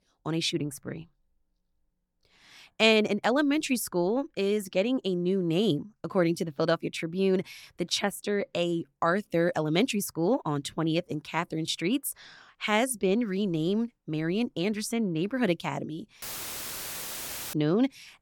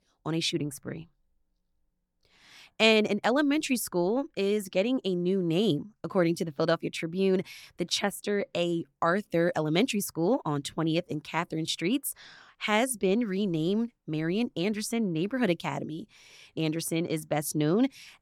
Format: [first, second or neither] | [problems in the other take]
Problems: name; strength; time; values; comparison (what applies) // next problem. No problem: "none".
second | audio cutting out; filled with static; at 16 s for 1.5 s